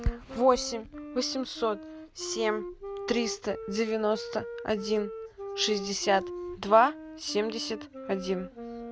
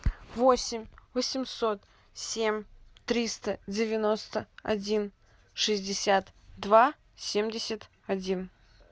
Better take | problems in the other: second | background sound (Wind instrument, woodwind instrument); 10 dB below the speech

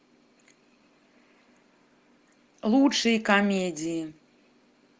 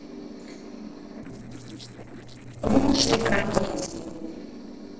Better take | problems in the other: first | noise reduction (neural separator model SepFormer DNS4)

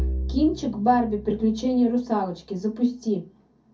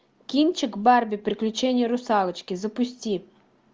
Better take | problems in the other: second | background sound (Bowed string instrument); 10 dB below the speech // room echo; dies away in 0.3 s

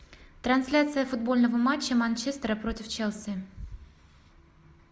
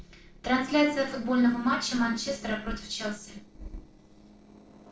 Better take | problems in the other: first | noise reduction (neural separator model SepFormer DNS4)

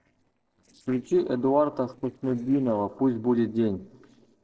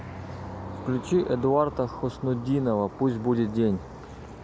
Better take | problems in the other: second | noise reduction (neural separator model SepFormer DNS4)

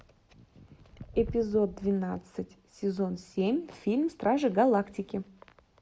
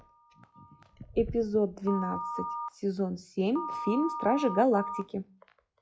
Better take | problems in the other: first | noise reduction (classical method log-MMSE)

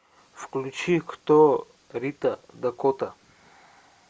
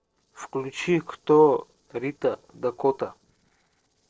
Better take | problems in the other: first | noise reduction (neural separator model SepFormer DNS4)

